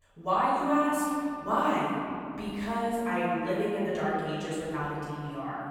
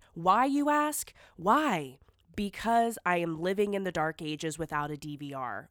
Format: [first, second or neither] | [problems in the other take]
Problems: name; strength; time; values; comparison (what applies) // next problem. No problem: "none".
second | off-mic speech; far // room echo; strong; dies away in 2.4 s